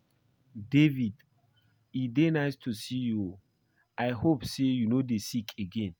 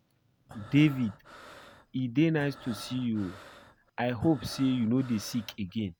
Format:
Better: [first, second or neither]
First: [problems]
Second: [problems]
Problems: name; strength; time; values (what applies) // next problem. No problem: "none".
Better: first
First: none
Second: background sound (Breathing); 20 dB below the speech